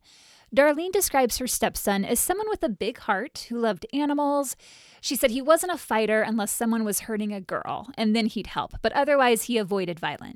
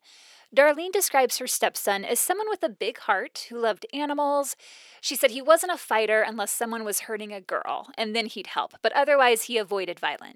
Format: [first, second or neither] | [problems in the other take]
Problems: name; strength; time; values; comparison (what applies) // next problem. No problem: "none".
first | thin; somewhat; fading below 450 Hz